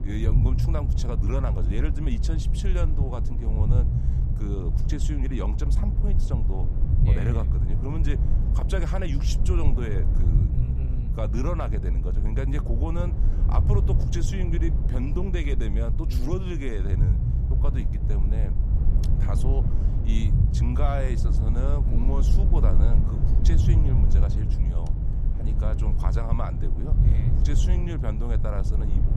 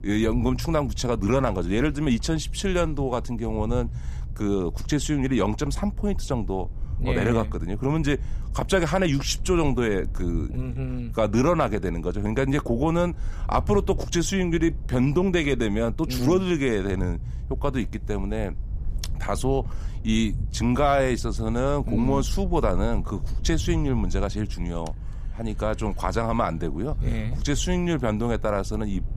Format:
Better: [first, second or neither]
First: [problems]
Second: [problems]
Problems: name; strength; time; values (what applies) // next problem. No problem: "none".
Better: second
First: low rumble; loud; throughout; 3 dB below the speech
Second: low rumble; faint; throughout; 25 dB below the speech